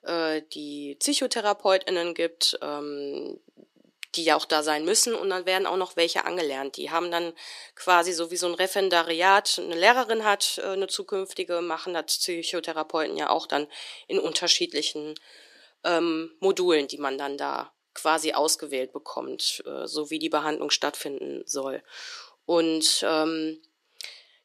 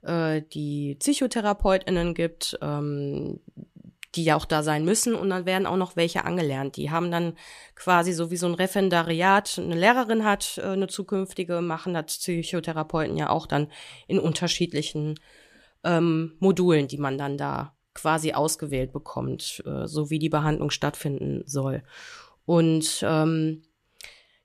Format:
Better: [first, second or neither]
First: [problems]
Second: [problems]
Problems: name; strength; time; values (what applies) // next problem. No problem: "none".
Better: second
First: thin; somewhat; fading below 300 Hz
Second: none